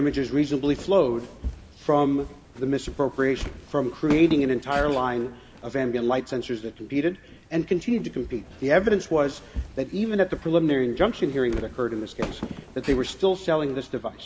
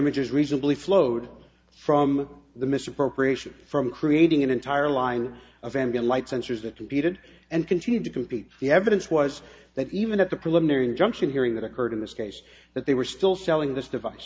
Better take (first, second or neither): second